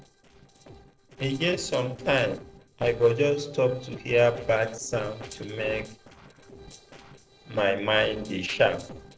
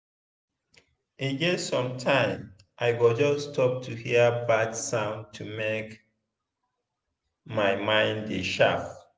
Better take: second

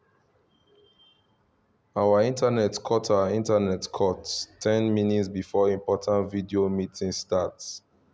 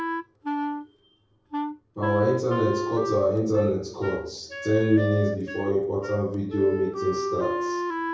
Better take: first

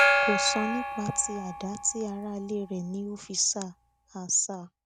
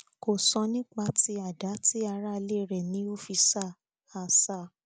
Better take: second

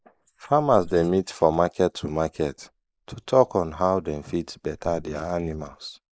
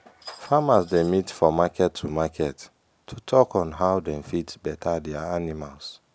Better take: second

